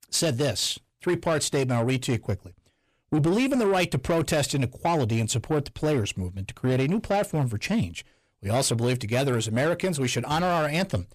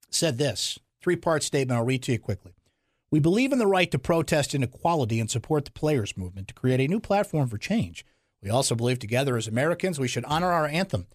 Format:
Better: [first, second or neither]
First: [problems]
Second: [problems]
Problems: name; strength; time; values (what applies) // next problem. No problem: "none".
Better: second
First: distortion; slight; 10 dB below the speech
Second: none